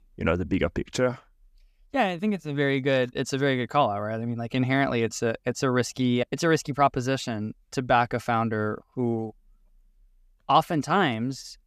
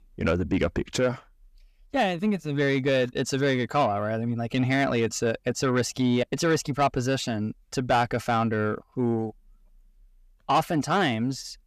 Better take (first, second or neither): first